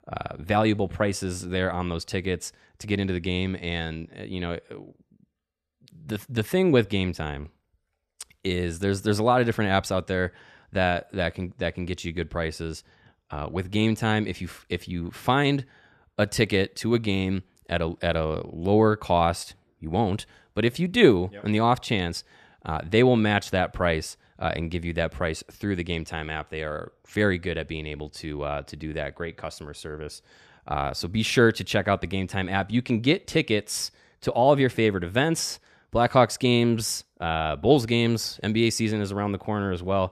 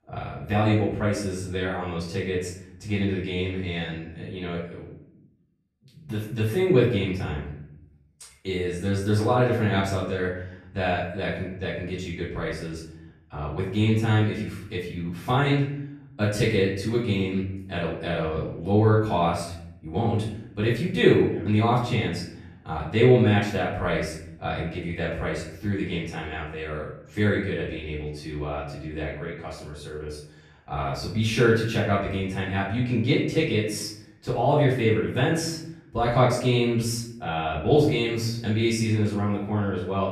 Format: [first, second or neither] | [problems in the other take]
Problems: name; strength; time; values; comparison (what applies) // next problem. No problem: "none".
first | off-mic speech; far // room echo; noticeable; dies away in 0.7 s